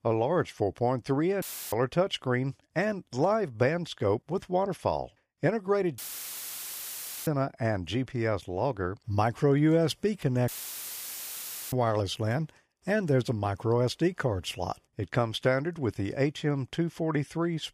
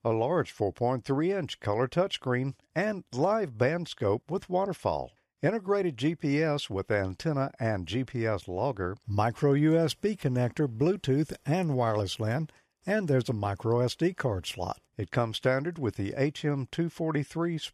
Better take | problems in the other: second | audio cutting out; filled with static; at 1.5 s, at 6 s for 1.5 s and at 10 s for 1 s

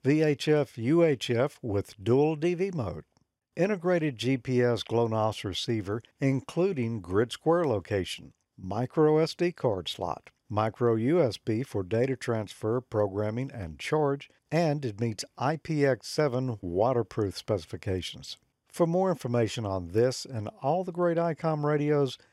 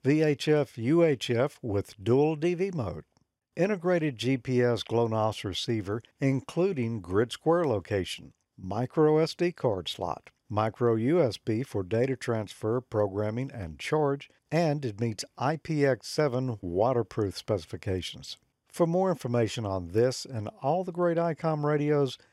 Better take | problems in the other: neither | none

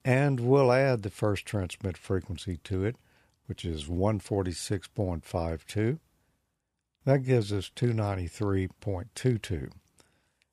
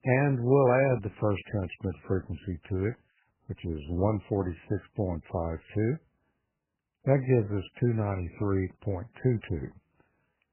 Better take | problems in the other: first | garbled, watery; badly; nothing above 2.5 kHz

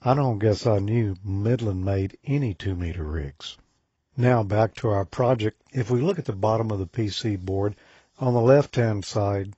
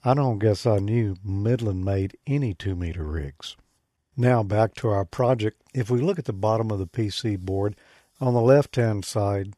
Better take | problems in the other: second | garbled, watery; badly; nothing above 7.5 kHz

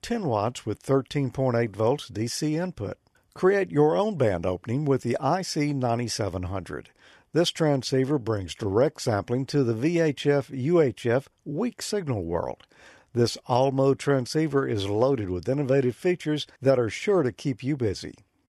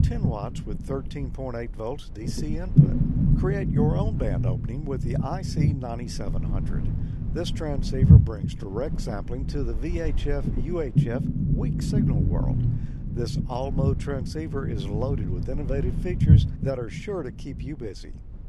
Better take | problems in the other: first | low rumble; loud; throughout; 1 dB below the speech

